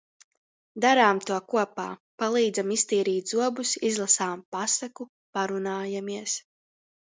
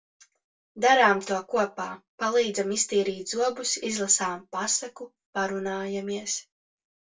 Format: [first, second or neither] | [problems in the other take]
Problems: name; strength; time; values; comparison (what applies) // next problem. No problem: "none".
first | room echo; dies away in 0.1 s